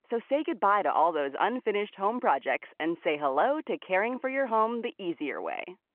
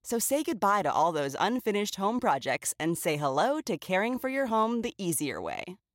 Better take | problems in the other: second | phone-call audio

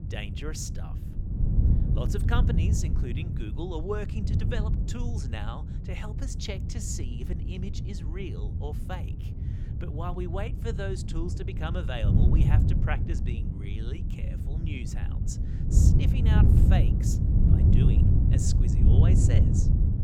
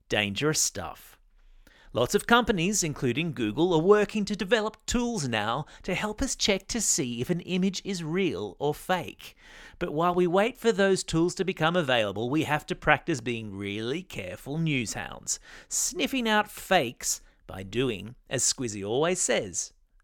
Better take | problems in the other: second | wind noise on the microphone; heavy; 1 dB below the speech

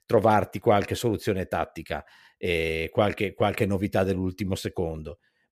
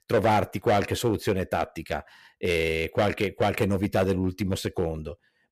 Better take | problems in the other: first | distortion; slight; 4% of the sound clipped

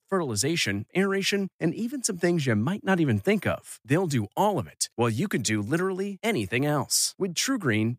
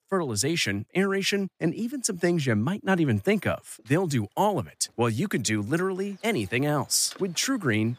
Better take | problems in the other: first | machinery noise; faint; throughout; 25 dB below the speech

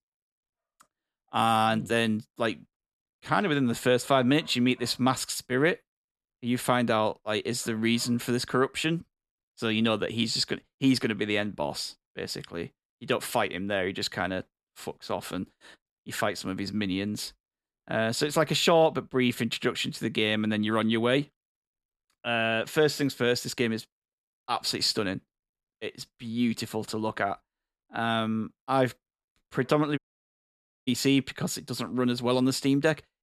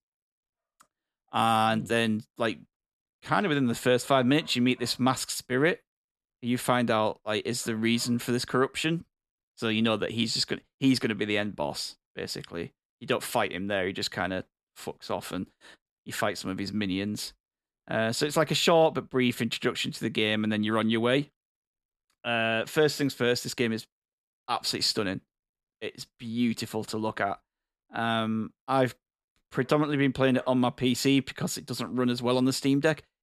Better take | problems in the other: second | audio cutting out; at 30 s for 1 s

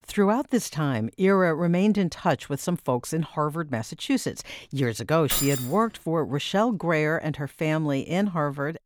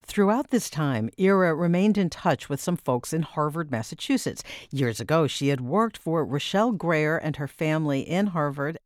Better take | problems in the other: second | jangling keys; noticeable; at 5.5 s; peak level with the speech

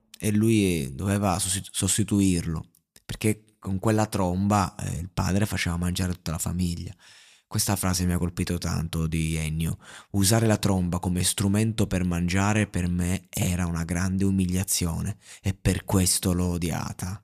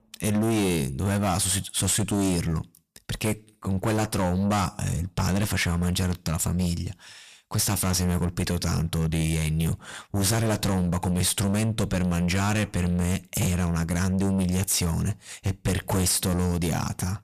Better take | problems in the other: first | distortion; heavy; 7 dB below the speech

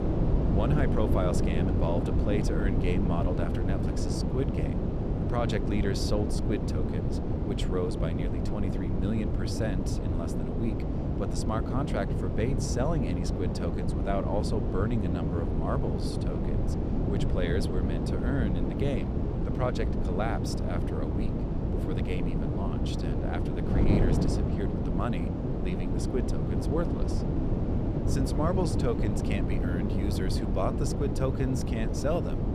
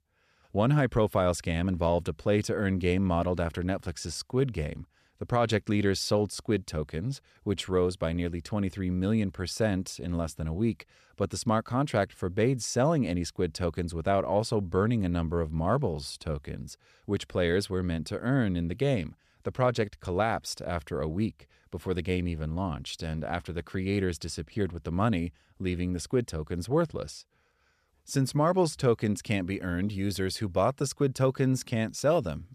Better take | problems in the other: second | wind noise on the microphone; heavy; 1 dB below the speech

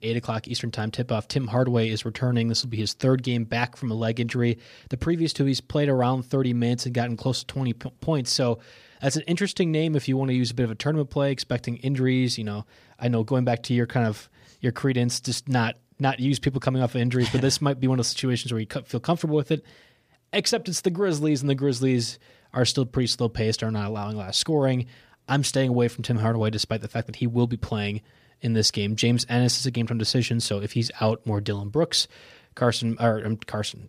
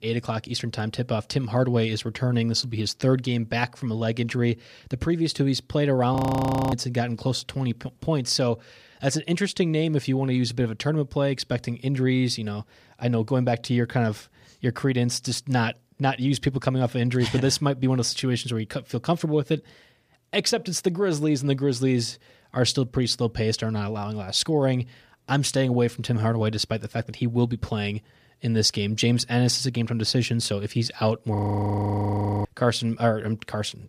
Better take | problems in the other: first | audio freezing; at 6 s for 0.5 s and at 31 s for 1 s

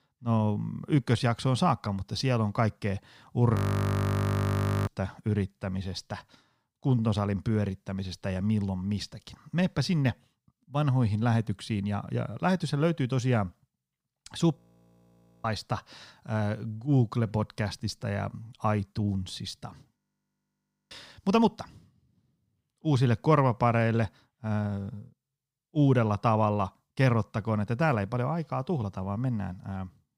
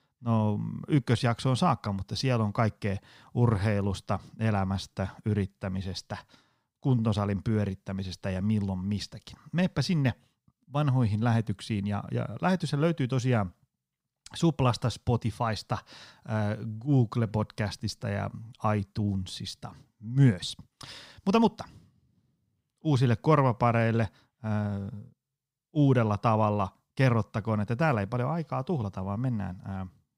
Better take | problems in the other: second | audio freezing; at 3.5 s for 1.5 s, at 15 s for 1 s and at 20 s for 1 s

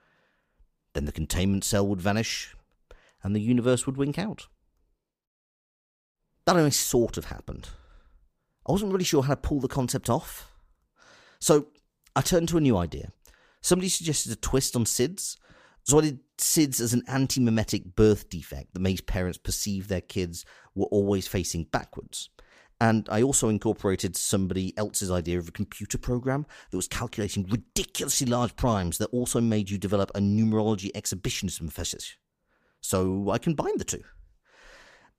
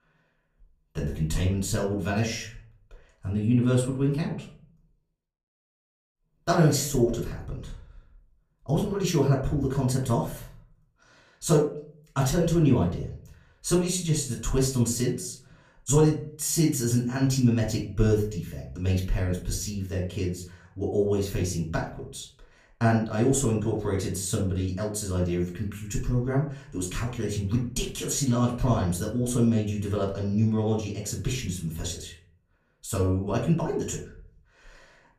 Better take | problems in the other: first | room echo; slight; dies away in 0.4 s // off-mic speech; far

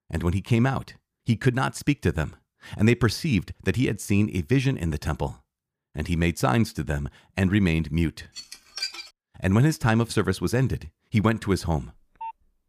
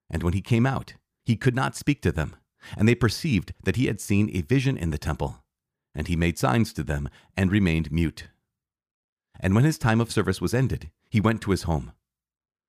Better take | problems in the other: second | clattering dishes; noticeable; at 8.5 s; peak 6 dB below the speech // phone ringing; faint; at 12 s; peak 15 dB below the speech

